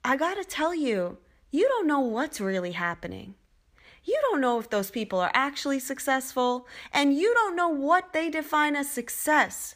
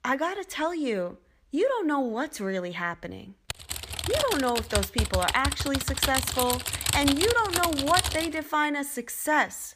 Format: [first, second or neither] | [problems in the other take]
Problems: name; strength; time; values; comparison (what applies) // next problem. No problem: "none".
first | keyboard typing; loud; from 3.5 to 8.5 s; peak 2 dB above the speech